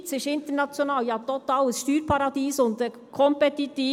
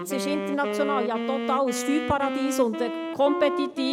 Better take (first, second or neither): first